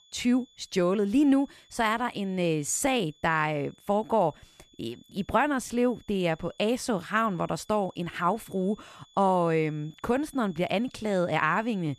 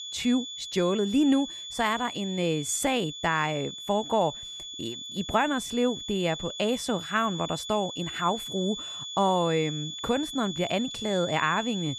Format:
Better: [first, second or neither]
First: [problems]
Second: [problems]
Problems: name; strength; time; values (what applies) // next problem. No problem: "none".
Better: first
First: high-pitched whine; faint; throughout; 3.5 kHz, 30 dB below the speech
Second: high-pitched whine; loud; throughout; 3.5 kHz, 8 dB below the speech